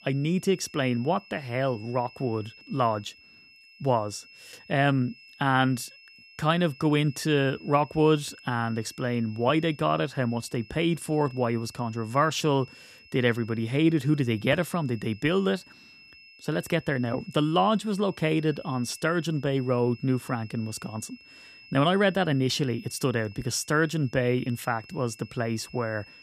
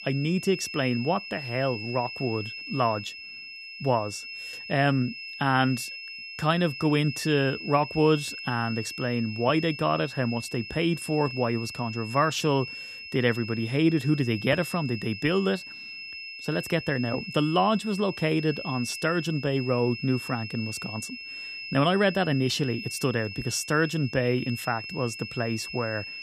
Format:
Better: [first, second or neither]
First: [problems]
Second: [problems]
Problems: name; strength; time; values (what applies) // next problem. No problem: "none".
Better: first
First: high-pitched whine; faint; throughout; 2.5 kHz, 20 dB below the speech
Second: high-pitched whine; loud; throughout; 2.5 kHz, 9 dB below the speech